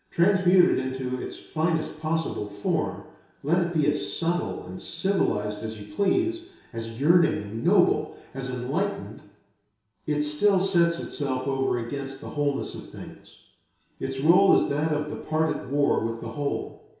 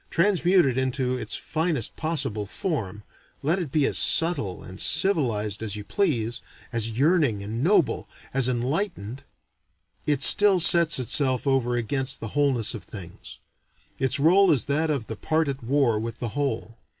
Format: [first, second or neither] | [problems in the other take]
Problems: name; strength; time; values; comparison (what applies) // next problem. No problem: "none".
second | room echo; dies away in 0.7 s